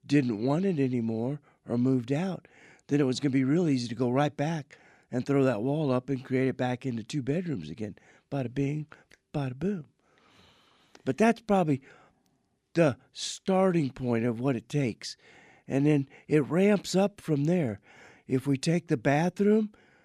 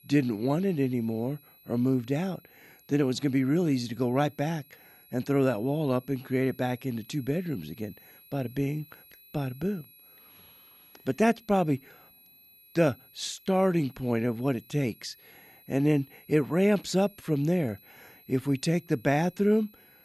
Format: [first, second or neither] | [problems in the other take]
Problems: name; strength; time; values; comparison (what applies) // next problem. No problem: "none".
first | high-pitched whine; faint; throughout; 11.5 kHz, 25 dB below the speech